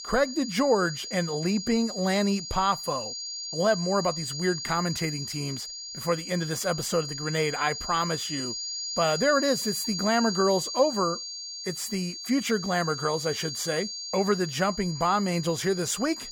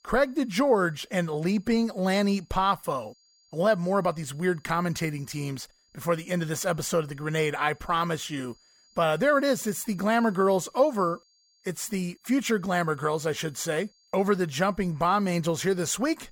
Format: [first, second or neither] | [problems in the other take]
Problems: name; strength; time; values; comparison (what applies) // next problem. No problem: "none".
second | high-pitched whine; loud; throughout; 5 kHz, 6 dB below the speech; faint in the second